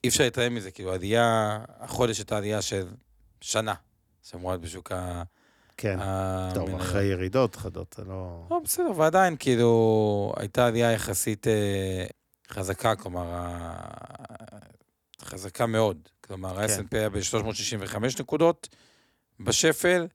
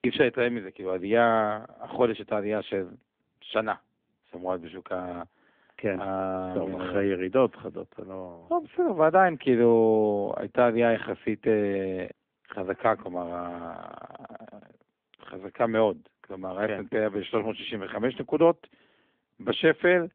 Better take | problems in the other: first | phone-call audio; nothing above 3.5 kHz

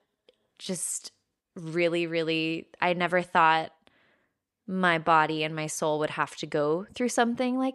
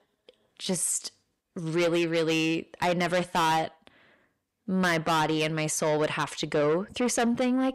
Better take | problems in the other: first | distortion; heavy; 6 dB below the speech

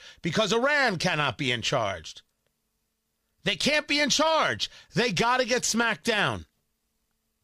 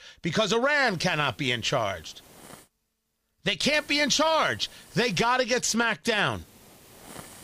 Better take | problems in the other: first | hiss; faint; from 1 to 2.5 s, from 3.5 to 5.5 s and from 6.5 s on; 25 dB below the speech

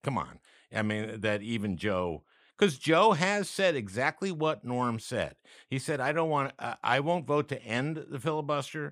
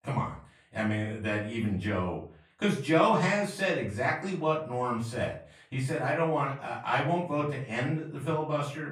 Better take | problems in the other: first | room echo; slight; dies away in 0.4 s // off-mic speech; far

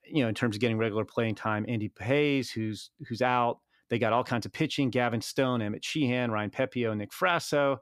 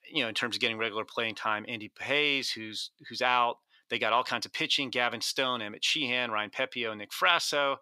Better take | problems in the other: first | thin; somewhat; fading below 900 Hz

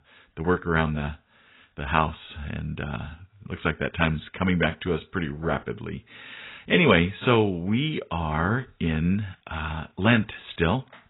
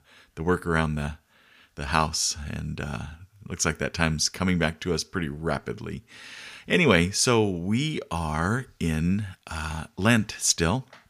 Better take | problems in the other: second | garbled, watery; badly; nothing above 3.5 kHz

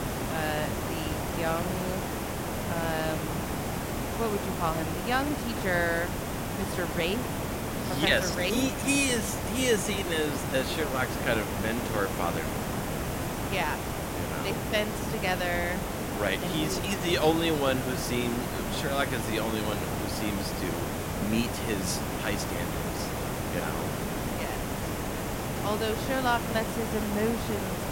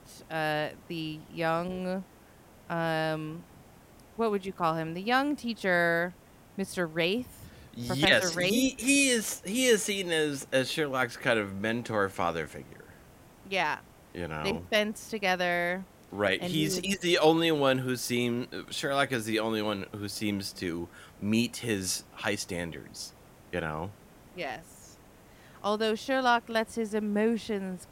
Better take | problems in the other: second | hiss; loud; throughout; 1 dB below the speech; faint in the second

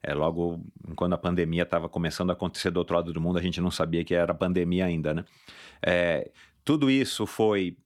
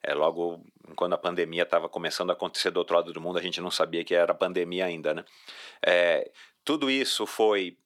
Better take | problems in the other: first | thin; somewhat; fading below 500 Hz

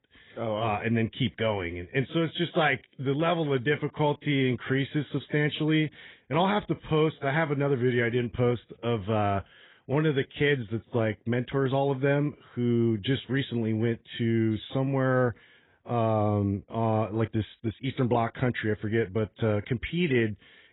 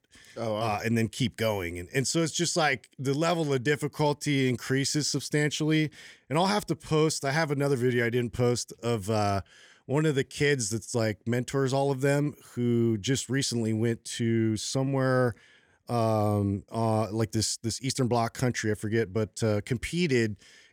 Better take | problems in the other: second | garbled, watery; badly; nothing above 3.5 kHz

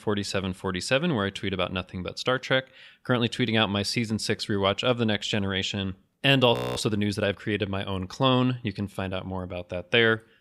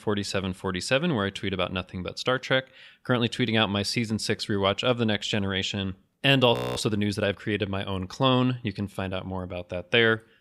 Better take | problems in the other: neither | audio freezing; at 6.5 s; the same in both

